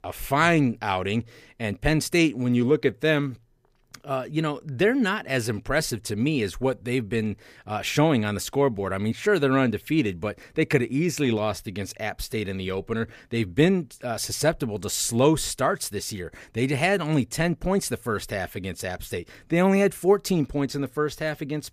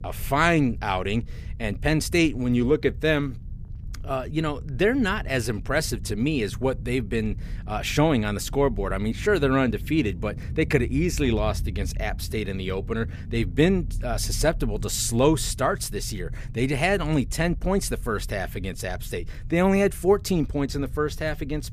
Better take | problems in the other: first | low rumble; faint; throughout; 25 dB below the speech

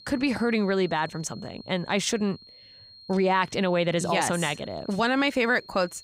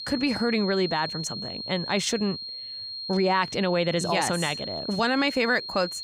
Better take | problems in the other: first | high-pitched whine; loud; throughout; 4 kHz, 7 dB below the speech; faint in the first

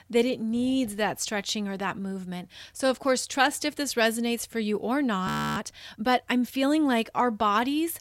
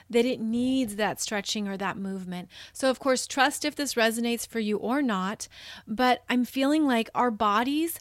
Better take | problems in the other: second | audio freezing; at 5.5 s

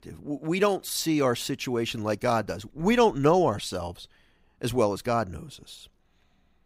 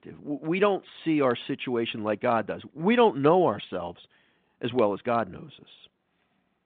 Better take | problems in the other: first | phone-call audio; nothing above 3.5 kHz

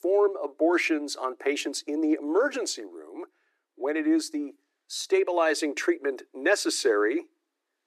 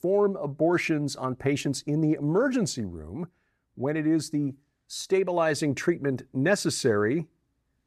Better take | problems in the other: second | thin; somewhat; fading below 300 Hz

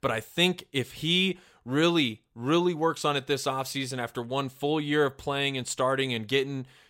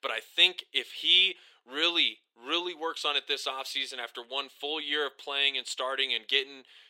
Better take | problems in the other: first | thin; very; fading below 350 Hz

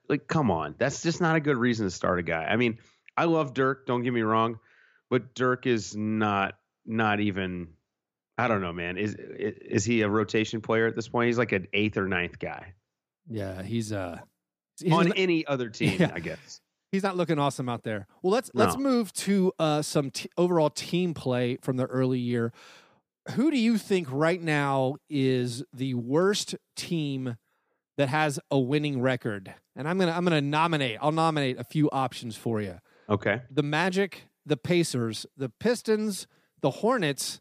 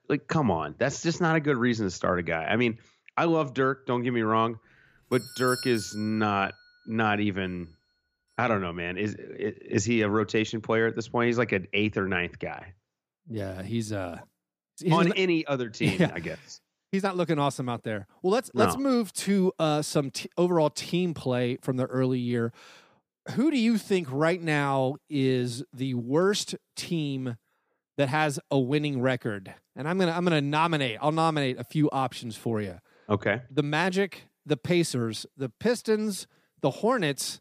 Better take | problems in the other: first | doorbell; noticeable; from 5 to 6.5 s; peak 7 dB below the speech

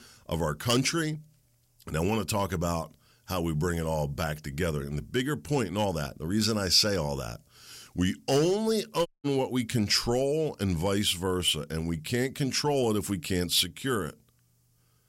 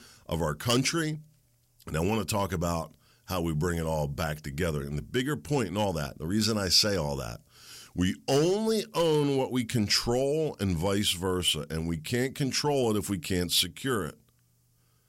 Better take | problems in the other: second | audio cutting out; at 9 s

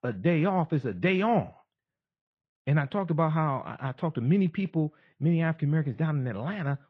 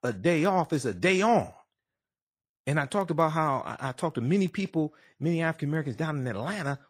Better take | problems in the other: second | muffled; very; fading above 3 kHz

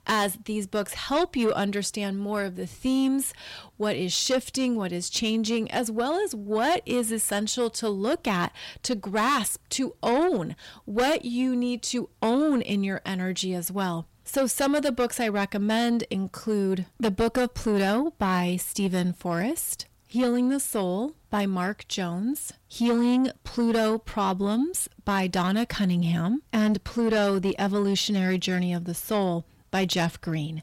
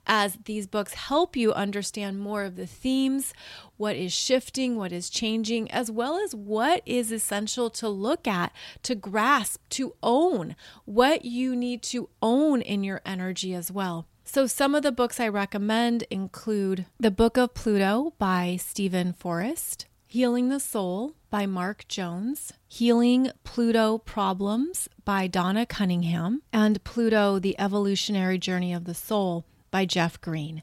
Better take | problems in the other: second | distortion; slight; 10 dB below the speech

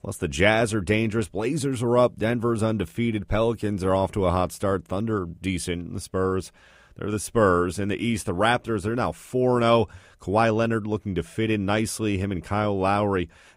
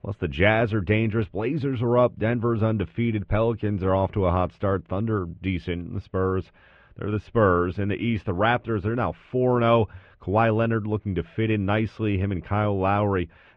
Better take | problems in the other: first | muffled; very; fading above 3 kHz

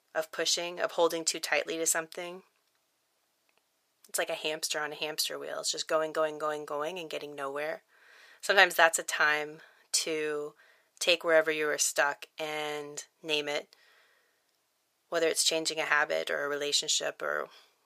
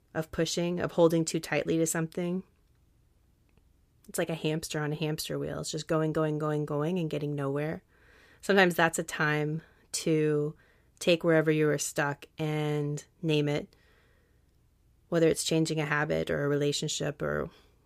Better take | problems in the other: second | thin; very; fading below 750 Hz

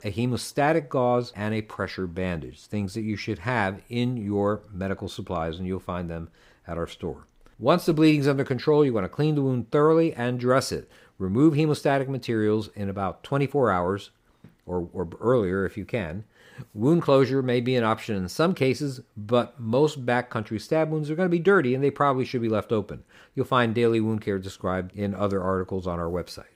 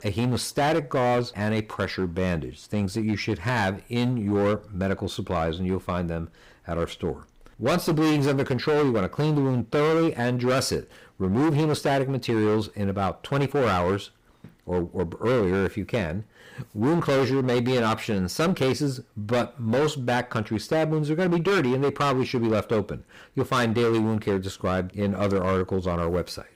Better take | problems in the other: first | distortion; heavy; 16% of the sound clipped

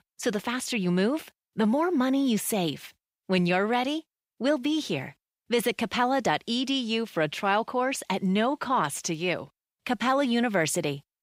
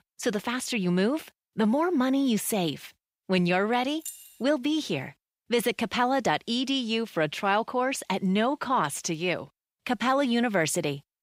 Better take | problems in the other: first | jangling keys; faint; at 4 s; peak 10 dB below the speech

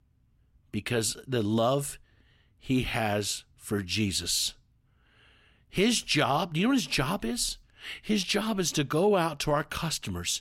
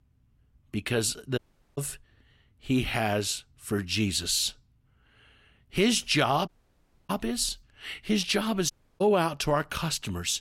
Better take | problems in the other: first | audio cutting out; at 1.5 s, at 6.5 s for 0.5 s and at 8.5 s

